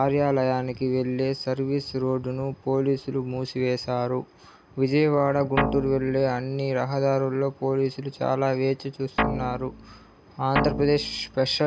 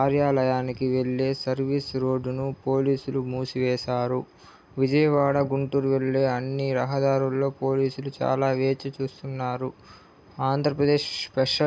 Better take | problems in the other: second | background sound (Guitar); 4 dB below the speech

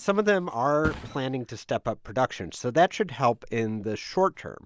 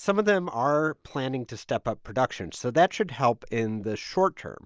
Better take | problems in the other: second | background sound (Thump, thud); 18 dB below the speech

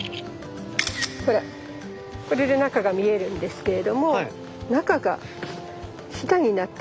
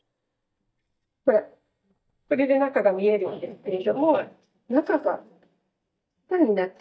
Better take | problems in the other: first | noise reduction (neural mask model DeepFilterNet 3)

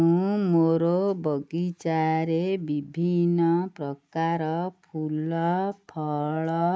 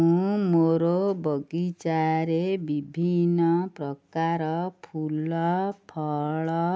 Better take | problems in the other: second | noise reduction (neural mask model Resemble Enhance denoiser)

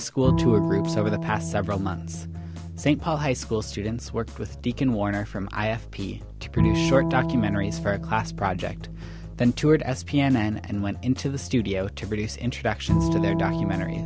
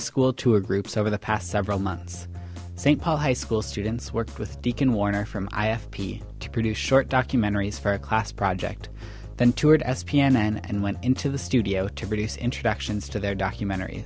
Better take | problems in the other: second | background sound (Bowed string instrument); 4 dB below the speech

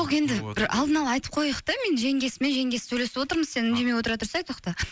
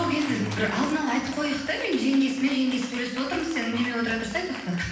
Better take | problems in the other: first | background sound (Cheering); 15 dB below the speech // room echo; dies away in 0.9 s

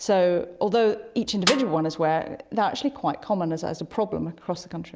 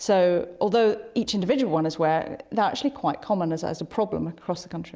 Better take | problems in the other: second | background sound (Snare drum); 7 dB below the speech

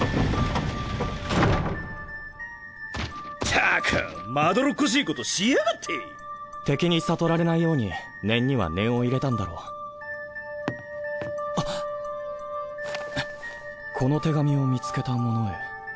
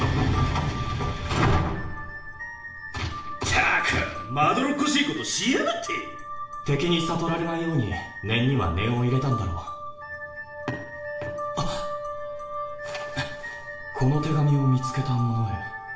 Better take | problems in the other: first | room echo; dies away in 0.6 s

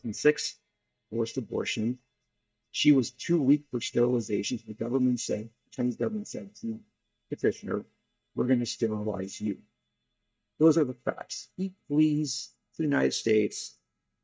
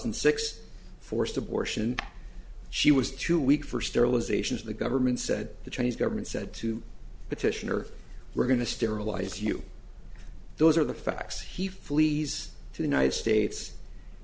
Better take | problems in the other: second | noise reduction (neural mask model DeepFilterNet 3)

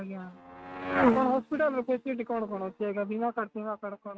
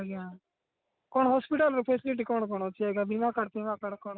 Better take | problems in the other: second | noise reduction (neural mask model RNNoise)

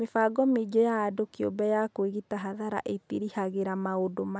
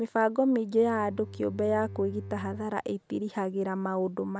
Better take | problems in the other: first | background sound (Bowed string instrument); 14 dB below the speech

